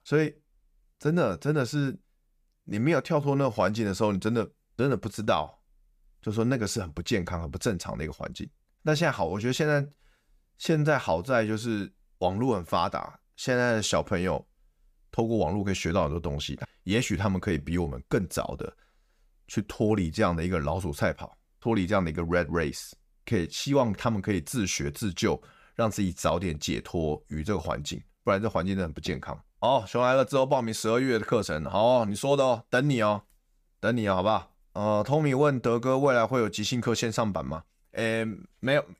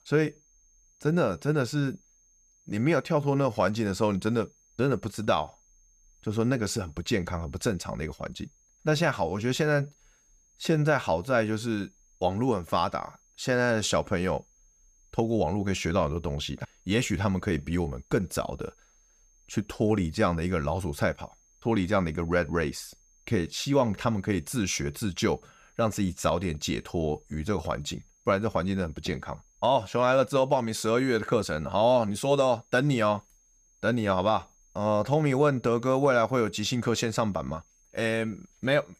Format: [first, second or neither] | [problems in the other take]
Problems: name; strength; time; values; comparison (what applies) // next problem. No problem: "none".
first | high-pitched whine; faint; throughout; 6.5 kHz, 35 dB below the speech